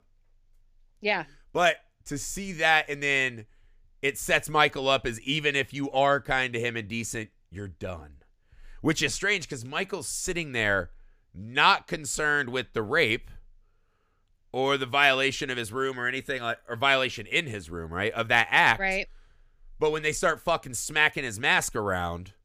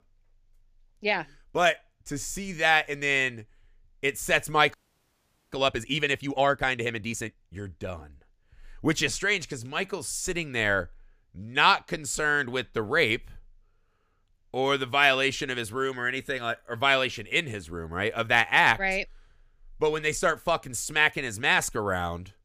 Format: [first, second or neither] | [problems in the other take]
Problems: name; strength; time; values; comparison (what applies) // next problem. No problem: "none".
first | audio freezing; at 4.5 s for 1 s